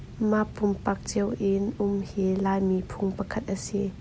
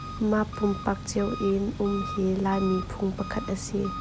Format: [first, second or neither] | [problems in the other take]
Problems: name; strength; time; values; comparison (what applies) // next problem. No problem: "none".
first | background sound (Engine); 10 dB below the speech